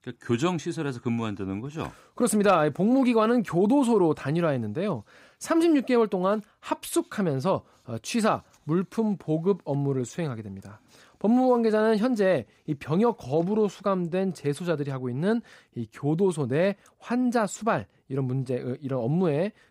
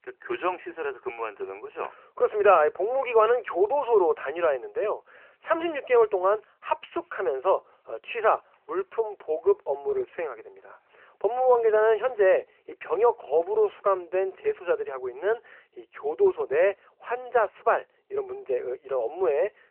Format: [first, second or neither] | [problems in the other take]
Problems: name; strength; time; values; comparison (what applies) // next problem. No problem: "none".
first | phone-call audio